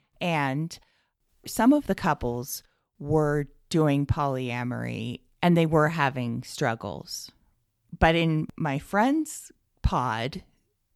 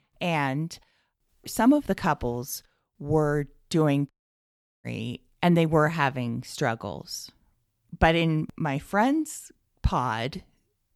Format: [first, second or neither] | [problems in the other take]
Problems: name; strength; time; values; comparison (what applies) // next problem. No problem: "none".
first | audio cutting out; at 4 s for 0.5 s